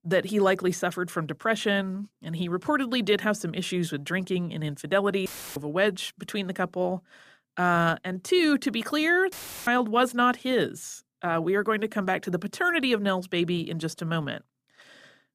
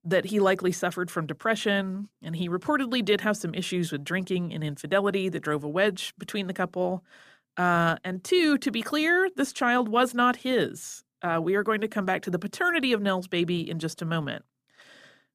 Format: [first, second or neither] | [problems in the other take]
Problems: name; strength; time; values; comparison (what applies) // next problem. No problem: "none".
second | audio cutting out; filled with static; at 5.5 s and at 9.5 s